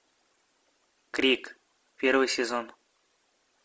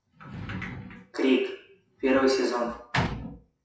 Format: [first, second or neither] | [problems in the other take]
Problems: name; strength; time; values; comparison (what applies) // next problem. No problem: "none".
first | noise reduction (classical method WPE with log-MMSE)